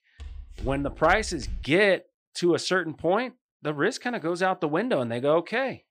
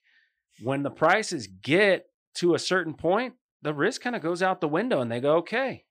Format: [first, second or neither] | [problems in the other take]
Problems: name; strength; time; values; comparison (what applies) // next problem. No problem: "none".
second | footsteps; faint; until 1.5 s; peak 15 dB below the speech